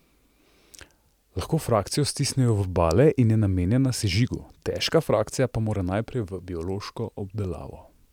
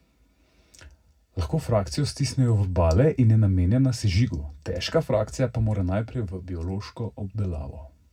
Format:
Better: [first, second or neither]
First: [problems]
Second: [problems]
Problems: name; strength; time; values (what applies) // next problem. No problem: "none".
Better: first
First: none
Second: room echo; dies away in 0.4 s